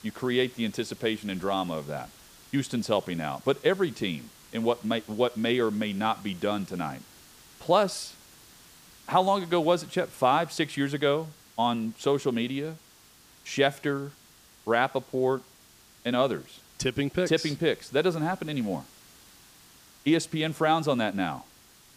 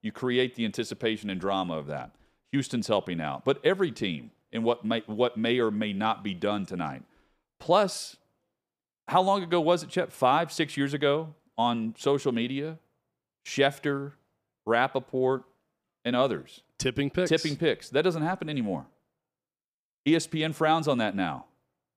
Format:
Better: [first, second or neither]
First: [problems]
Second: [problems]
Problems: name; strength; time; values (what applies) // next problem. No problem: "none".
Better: second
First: hiss; faint; throughout; 25 dB below the speech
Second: none